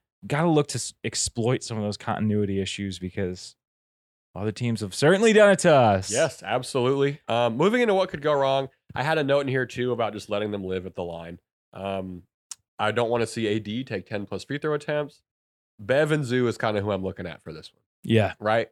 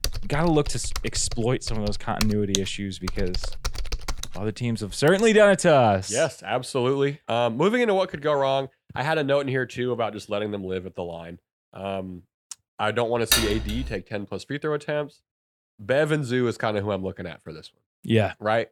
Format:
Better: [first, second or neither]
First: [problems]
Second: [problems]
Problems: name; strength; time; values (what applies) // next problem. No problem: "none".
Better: first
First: none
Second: keyboard typing; noticeable; until 5 s; peak 2 dB below the speech // clattering dishes; loud; at 13 s; peak 3 dB above the speech